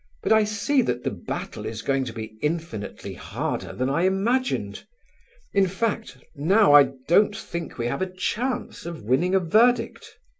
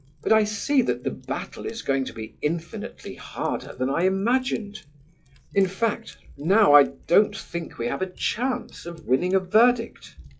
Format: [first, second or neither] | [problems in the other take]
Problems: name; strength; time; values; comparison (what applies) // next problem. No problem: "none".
first | noise reduction (classical method log-MMSE)